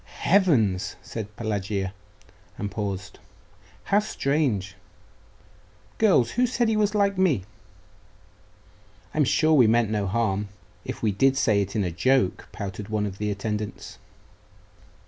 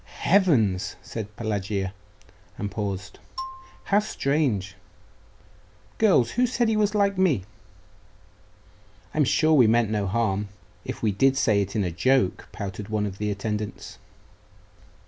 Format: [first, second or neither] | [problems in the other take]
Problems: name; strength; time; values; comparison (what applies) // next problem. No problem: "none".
first | background sound (Marimba, xylophone); 15 dB below the speech